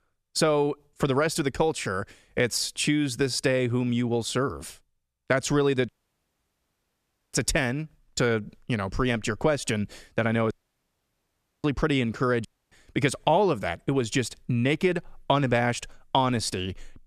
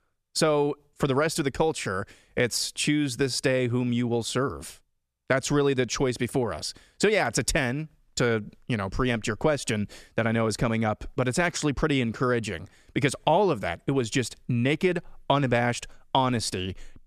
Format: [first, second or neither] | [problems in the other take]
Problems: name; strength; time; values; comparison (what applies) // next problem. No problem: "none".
second | audio cutting out; at 6 s for 1.5 s, at 11 s for 1 s and at 12 s